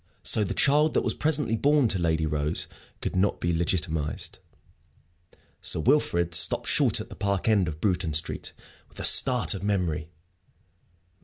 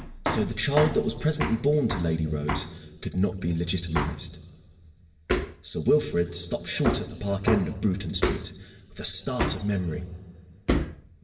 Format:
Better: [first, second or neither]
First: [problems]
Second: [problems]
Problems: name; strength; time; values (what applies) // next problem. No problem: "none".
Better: first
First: none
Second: background sound (Hammer); 5 dB below the speech // room echo; dies away in 2 s